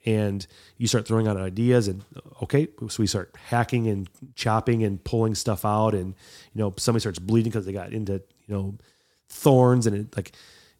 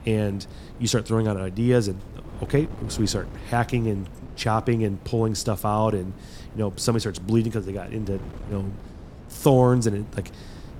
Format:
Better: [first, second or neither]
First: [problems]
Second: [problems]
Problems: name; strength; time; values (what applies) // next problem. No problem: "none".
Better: first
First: none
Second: wind noise on the microphone; occasional gusts; 20 dB below the speech